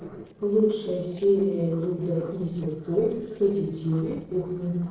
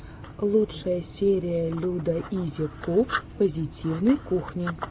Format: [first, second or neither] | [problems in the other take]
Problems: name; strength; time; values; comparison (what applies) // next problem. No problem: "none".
second | noise reduction (neural separator model SepFormer DNS4)